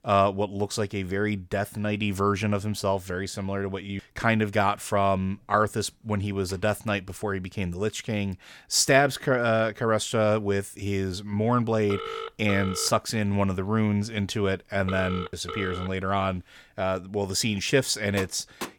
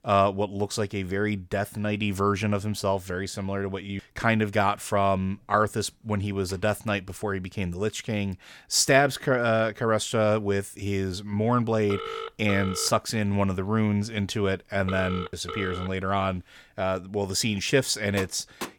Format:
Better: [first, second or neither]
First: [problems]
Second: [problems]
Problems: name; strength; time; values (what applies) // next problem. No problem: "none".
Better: neither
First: phone ringing; noticeable; from 12 to 16 s; peak 7 dB below the speech // door banging; faint; at 18 s; peak 10 dB below the speech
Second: phone ringing; noticeable; from 12 to 16 s; peak 7 dB below the speech // door banging; faint; at 18 s; peak 10 dB below the speech